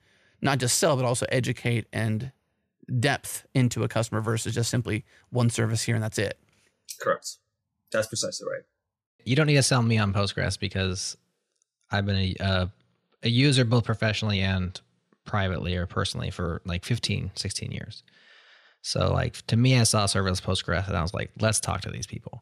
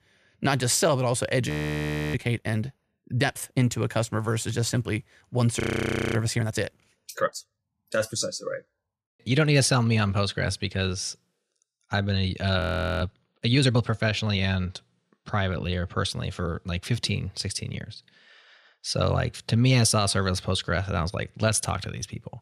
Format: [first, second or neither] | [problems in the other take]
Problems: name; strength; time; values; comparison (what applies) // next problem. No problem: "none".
first | audio freezing; at 1.5 s for 0.5 s, at 5.5 s for 0.5 s and at 13 s